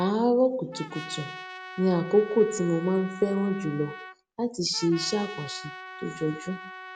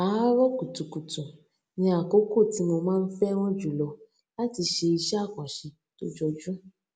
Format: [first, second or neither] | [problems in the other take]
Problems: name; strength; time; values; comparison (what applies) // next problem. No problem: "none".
second | background sound (Trumpet); 14 dB below the speech